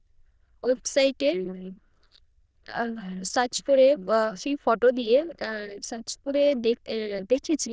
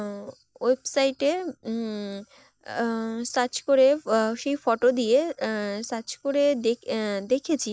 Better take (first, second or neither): second